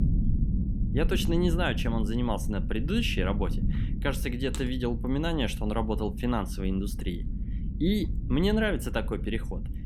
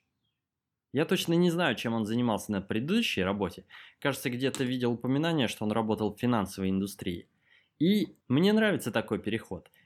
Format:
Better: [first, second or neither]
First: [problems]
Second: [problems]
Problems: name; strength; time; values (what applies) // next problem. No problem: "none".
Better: second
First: low rumble; noticeable; throughout; 10 dB below the speech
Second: none